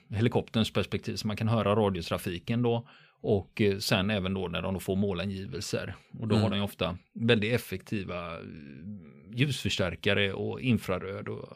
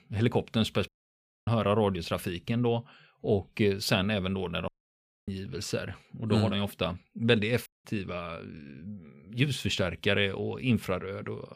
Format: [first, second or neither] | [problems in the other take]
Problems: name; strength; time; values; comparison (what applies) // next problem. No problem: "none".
first | audio cutting out; at 1 s for 0.5 s, at 4.5 s for 0.5 s and at 7.5 s